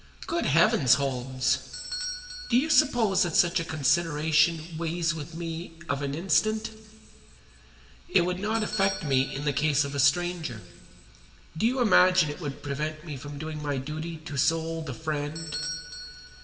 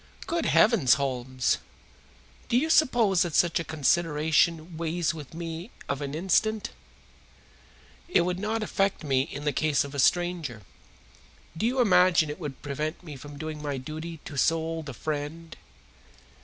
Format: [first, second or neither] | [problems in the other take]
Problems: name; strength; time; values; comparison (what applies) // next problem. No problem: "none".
second | background sound (Bell / Doorbell); 15 dB below the speech // room echo; dies away in 1.7 s